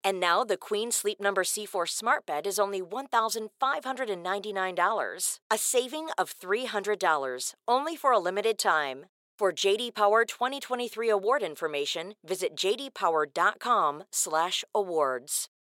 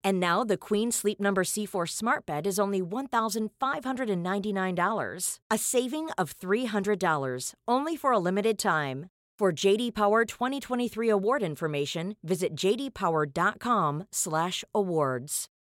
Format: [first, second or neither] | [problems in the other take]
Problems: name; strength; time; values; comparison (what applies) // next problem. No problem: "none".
second | thin; somewhat; fading below 500 Hz